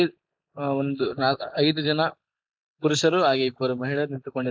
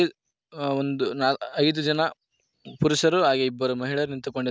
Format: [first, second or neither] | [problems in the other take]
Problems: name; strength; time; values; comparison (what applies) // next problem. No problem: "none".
second | noise reduction (neural mask model Resemble Enhance denoiser)